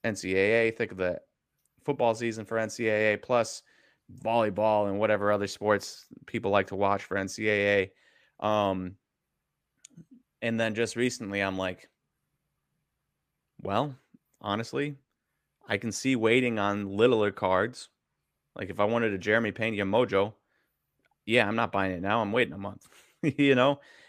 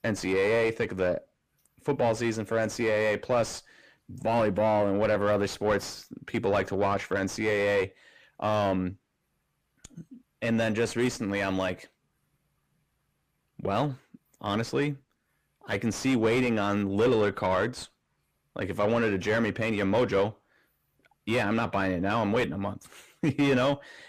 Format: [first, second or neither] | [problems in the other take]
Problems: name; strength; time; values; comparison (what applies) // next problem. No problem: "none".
first | distortion; heavy; 7 dB below the speech